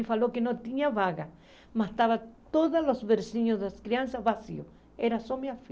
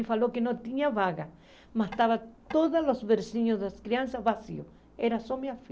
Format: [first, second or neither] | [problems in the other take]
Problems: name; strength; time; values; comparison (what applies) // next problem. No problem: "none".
first | background sound (Tap / Wood); 19 dB below the speech